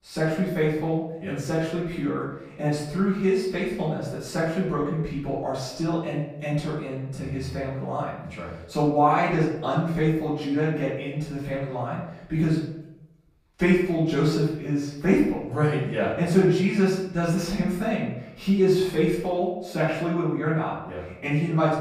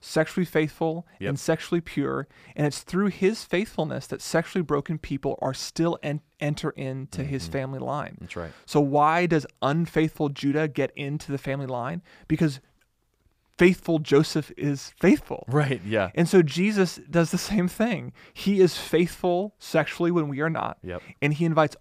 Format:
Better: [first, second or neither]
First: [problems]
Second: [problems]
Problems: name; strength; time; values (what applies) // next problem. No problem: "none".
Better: second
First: off-mic speech; far // room echo; noticeable; dies away in 0.7 s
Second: none